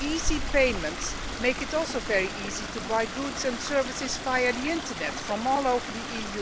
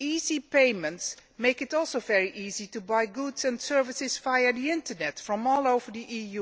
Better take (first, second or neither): second